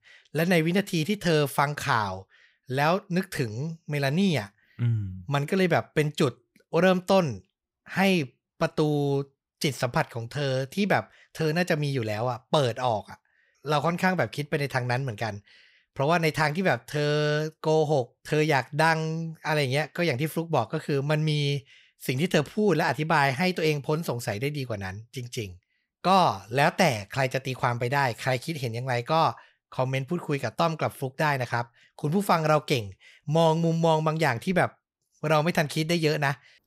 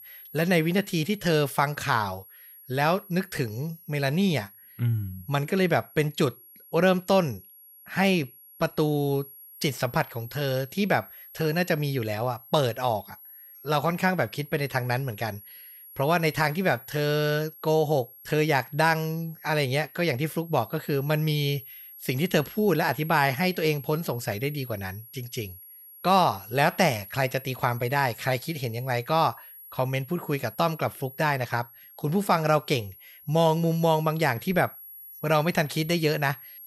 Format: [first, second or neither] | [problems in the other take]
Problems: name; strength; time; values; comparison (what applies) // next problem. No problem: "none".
first | high-pitched whine; noticeable; throughout; 11.5 kHz, 20 dB below the speech